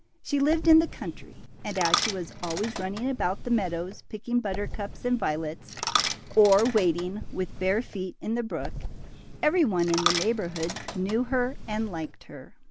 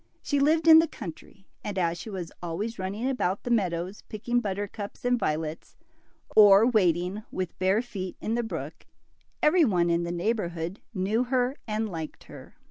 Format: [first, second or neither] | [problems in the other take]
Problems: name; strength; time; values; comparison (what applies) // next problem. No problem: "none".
second | background sound (Coin (dropping)); 6 dB below the speech